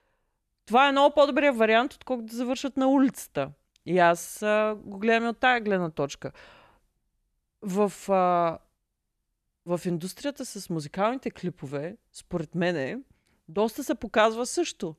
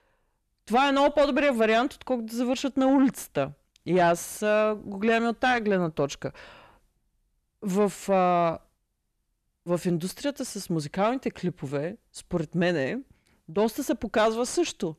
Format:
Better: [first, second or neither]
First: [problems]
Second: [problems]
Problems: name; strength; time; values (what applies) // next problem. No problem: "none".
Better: first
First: none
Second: distortion; slight; 10 dB below the speech